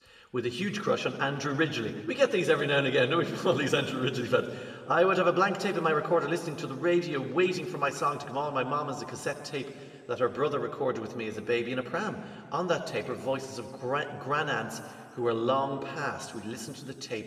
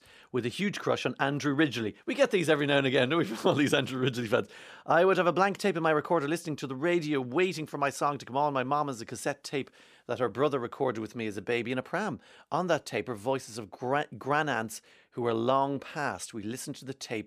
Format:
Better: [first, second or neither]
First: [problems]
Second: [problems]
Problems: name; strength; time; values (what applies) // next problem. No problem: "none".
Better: second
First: room echo; slight; dies away in 1.8 s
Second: none